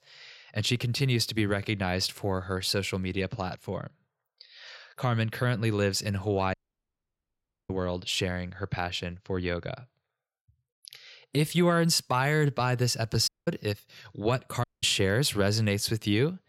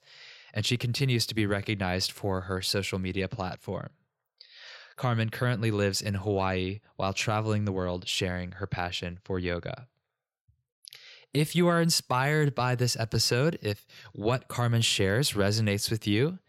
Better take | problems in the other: second | audio cutting out; at 6.5 s for 1 s, at 13 s and at 15 s

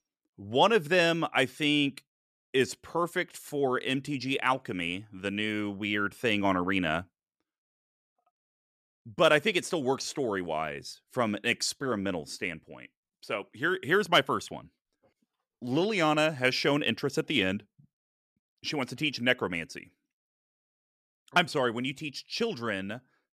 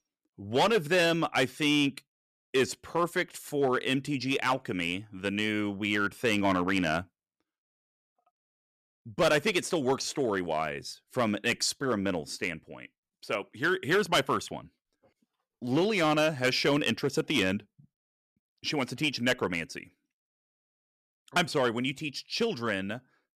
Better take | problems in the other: first | distortion; slight; 3% of the sound clipped

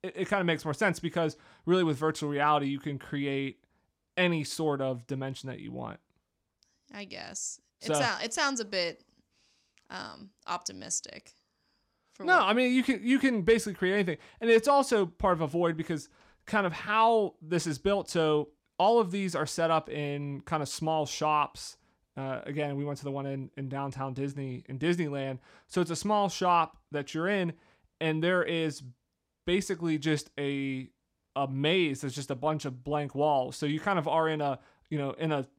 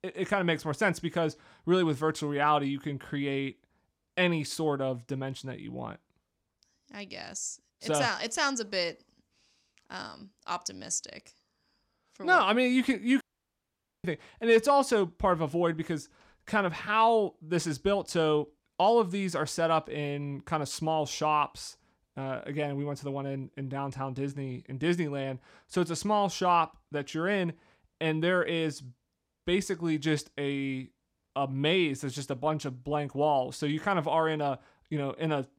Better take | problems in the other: first | audio cutting out; at 13 s for 1 s

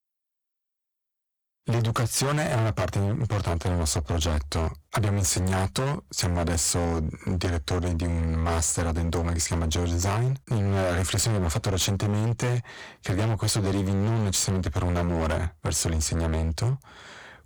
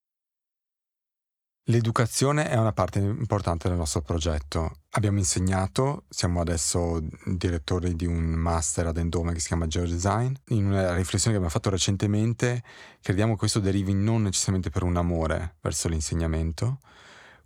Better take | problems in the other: second | distortion; heavy; 23% of the sound clipped

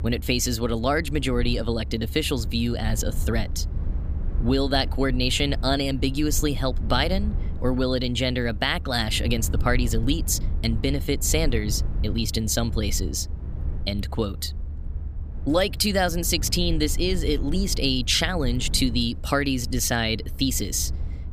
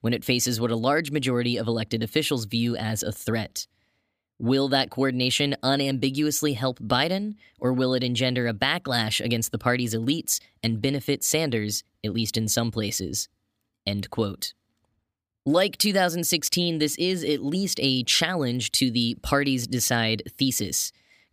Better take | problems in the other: second | low rumble; faint; throughout; 20 dB below the speech

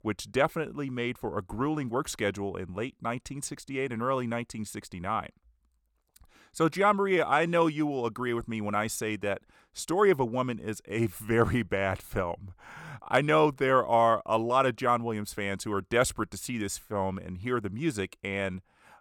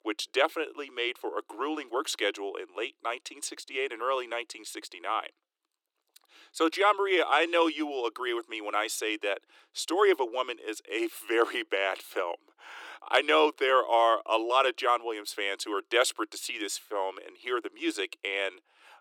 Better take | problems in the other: first | thin; very; fading below 300 Hz

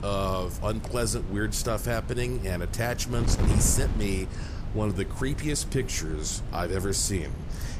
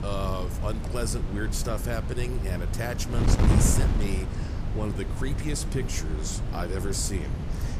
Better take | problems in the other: first | wind noise on the microphone; heavy; 4 dB below the speech; occasional gusts in the first

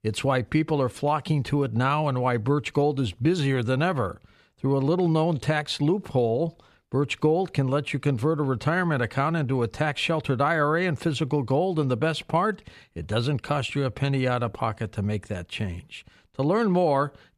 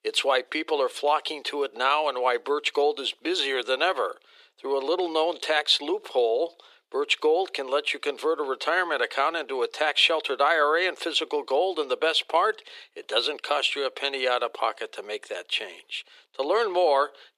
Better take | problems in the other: first | thin; very; fading below 400 Hz

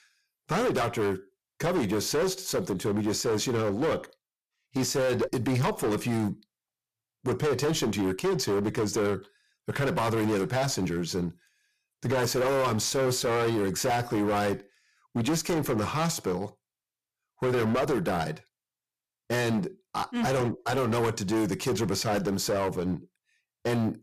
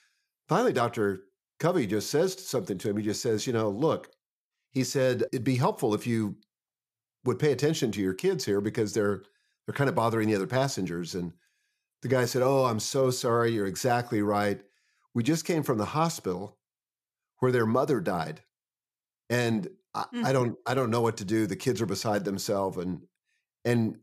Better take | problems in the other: second | distortion; heavy; 18% of the sound clipped

